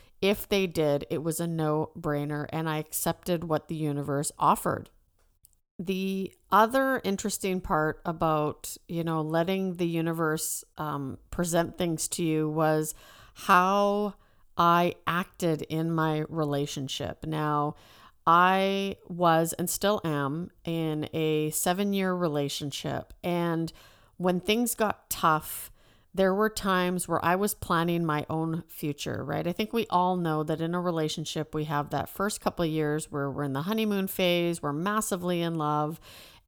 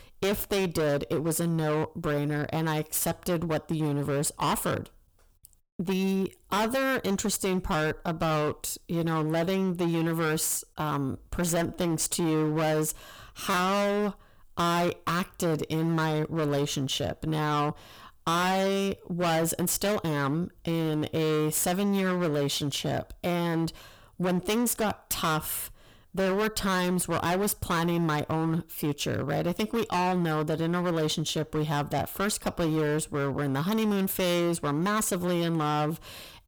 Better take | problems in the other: first | distortion; heavy; 23% of the sound clipped

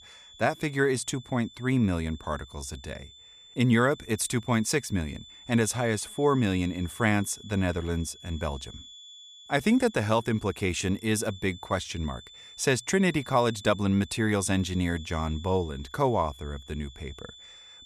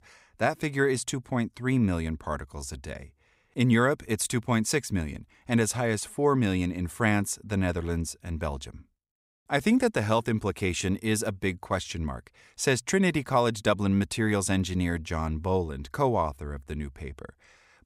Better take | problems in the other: second | high-pitched whine; noticeable; throughout; 3.5 kHz, 20 dB below the speech

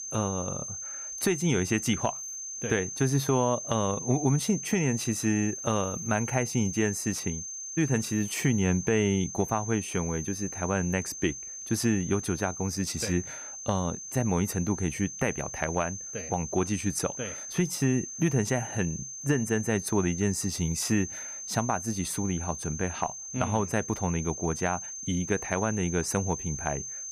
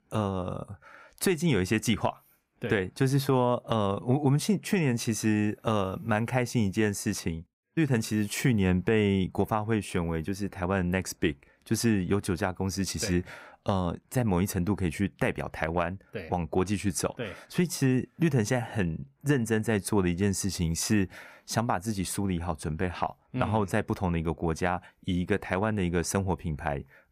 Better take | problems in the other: second | high-pitched whine; loud; throughout; 6.5 kHz, 7 dB below the speech

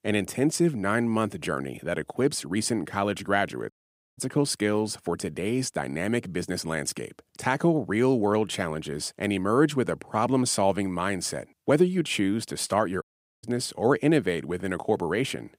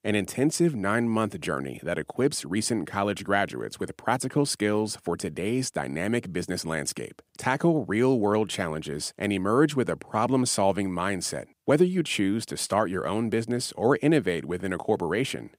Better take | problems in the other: second | audio cutting out; at 3.5 s and at 13 s

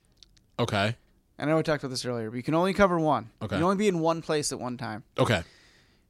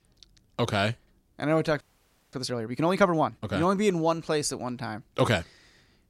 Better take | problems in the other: first | audio freezing; at 2 s for 0.5 s

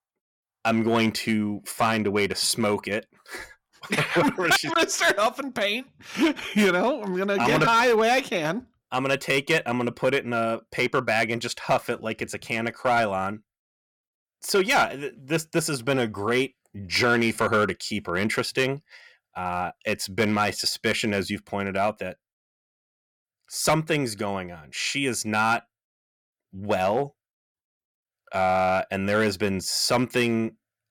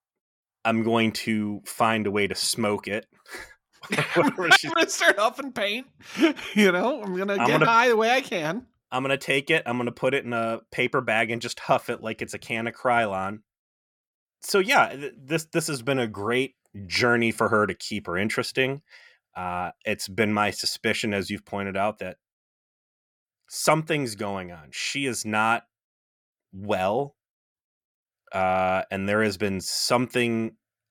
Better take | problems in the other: second | distortion; slight; 3% of the sound clipped

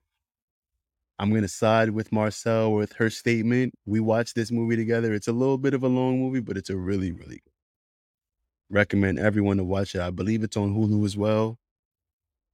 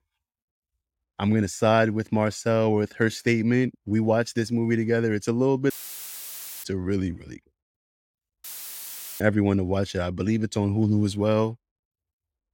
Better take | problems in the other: first | audio cutting out; filled with static; at 5.5 s for 1 s and at 8.5 s for 1 s

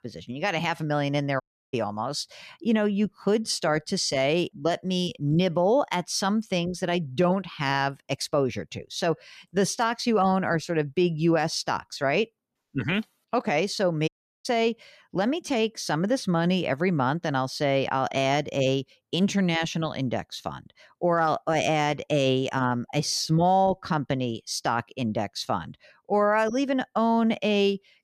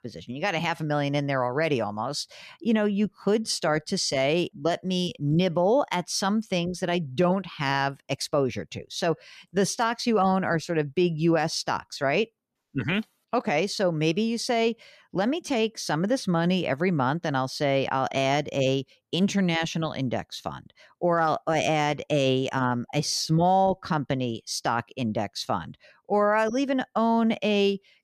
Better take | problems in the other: second | audio cutting out; at 1.5 s and at 14 s

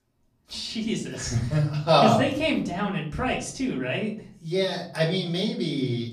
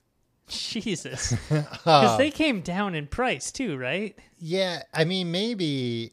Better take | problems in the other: second | off-mic speech; far // room echo; slight; dies away in 0.5 s

